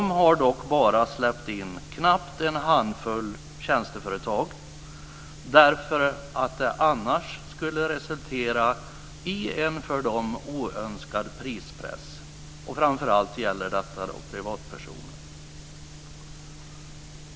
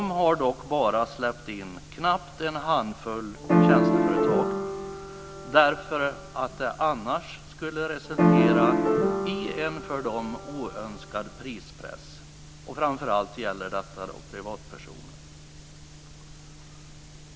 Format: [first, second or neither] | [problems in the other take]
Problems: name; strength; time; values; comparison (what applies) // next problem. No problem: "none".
first | background sound (Piano); 5 dB above the speech